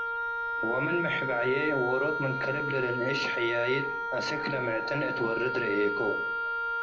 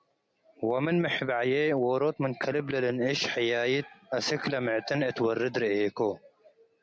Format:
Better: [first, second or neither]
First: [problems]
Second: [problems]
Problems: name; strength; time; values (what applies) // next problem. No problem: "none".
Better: second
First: background sound (Wind instrument, woodwind instrument); 1 dB below the speech // room echo; dies away in 0.5 s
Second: none